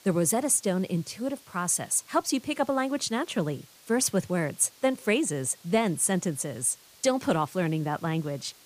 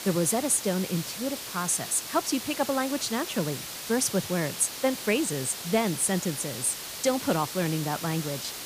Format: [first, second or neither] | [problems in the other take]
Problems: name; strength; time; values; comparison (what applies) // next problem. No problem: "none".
first | hiss; loud; throughout; 7 dB below the speech; faint in the first